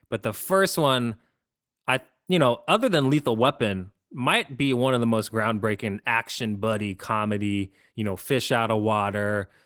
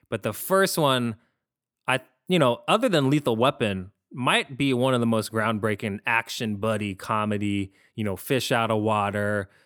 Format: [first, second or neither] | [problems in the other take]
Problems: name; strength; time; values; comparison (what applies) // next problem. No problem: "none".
second | garbled, watery; slightly; nothing above 19 kHz